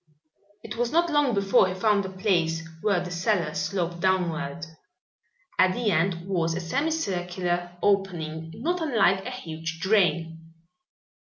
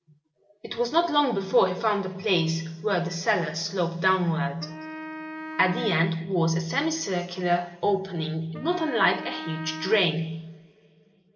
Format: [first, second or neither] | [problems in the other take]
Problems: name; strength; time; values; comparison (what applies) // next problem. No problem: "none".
first | background sound (Wind instrument, woodwind instrument); 13 dB below the speech // room echo; dies away in 1.9 s